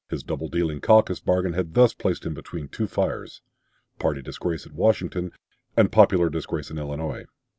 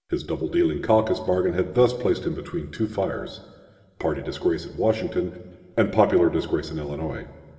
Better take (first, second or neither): first